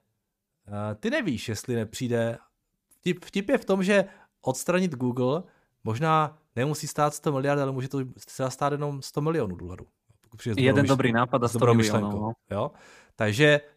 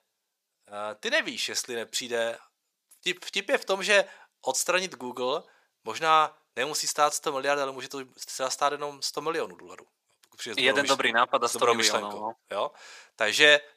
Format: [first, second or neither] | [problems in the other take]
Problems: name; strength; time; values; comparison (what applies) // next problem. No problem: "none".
first | thin; very; fading below 550 Hz